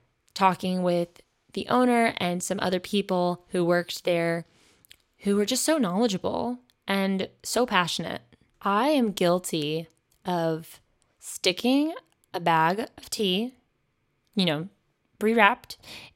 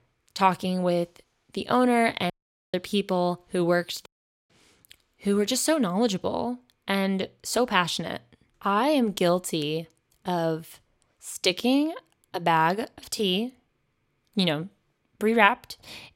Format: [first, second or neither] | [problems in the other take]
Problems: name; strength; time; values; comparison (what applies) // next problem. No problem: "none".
first | audio cutting out; at 2.5 s and at 4 s